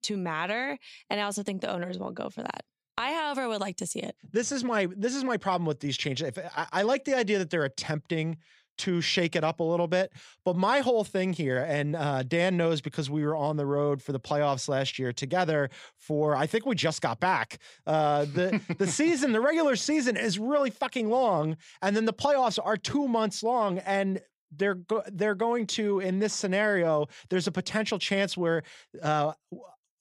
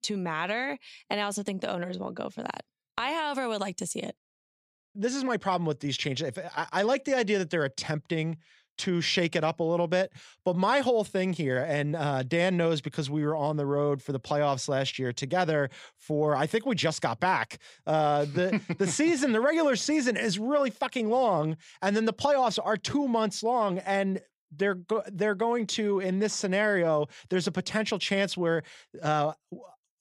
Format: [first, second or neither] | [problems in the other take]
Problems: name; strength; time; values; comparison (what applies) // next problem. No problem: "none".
first | audio cutting out; at 4 s for 1 s